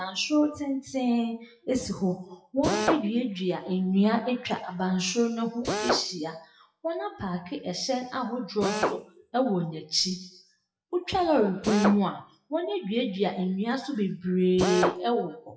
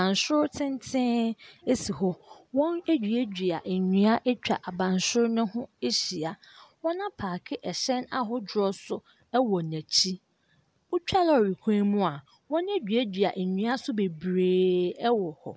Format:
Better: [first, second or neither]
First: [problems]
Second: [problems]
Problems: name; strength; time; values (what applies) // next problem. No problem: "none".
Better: second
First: noise reduction (classical method WPE with log-MMSE)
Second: none